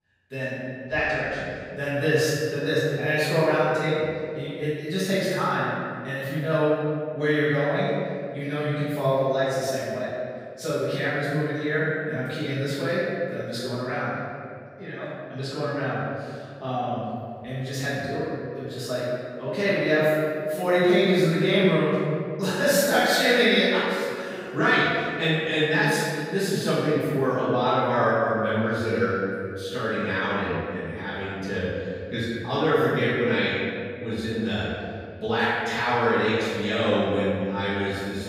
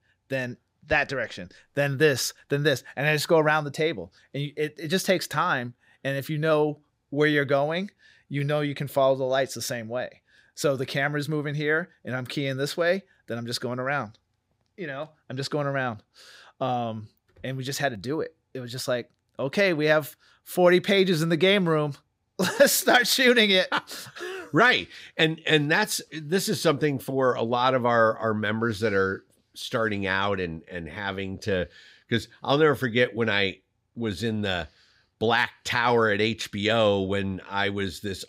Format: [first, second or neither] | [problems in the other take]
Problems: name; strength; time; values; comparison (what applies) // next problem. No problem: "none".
second | off-mic speech; far // room echo; strong; dies away in 2.1 s